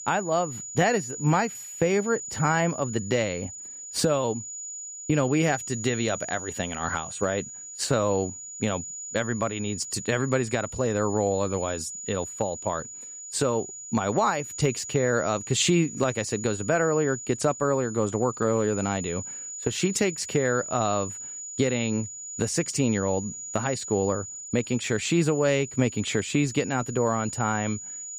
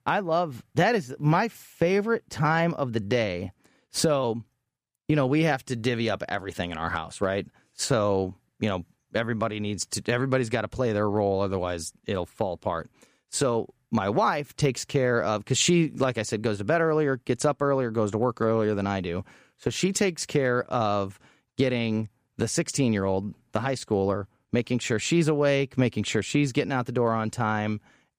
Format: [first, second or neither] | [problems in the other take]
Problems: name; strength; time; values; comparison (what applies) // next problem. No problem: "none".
second | high-pitched whine; loud; throughout; 7 kHz, 9 dB below the speech